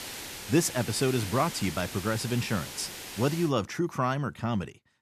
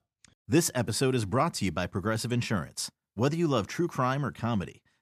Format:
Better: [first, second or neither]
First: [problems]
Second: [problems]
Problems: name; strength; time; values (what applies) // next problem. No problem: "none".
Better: second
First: hiss; loud; until 3.5 s; 9 dB below the speech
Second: none